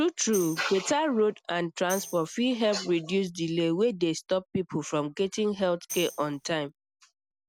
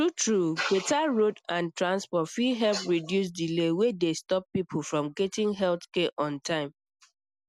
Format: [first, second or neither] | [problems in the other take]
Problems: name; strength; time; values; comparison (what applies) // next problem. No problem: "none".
second | background sound (Tambourine); 17 dB below the speech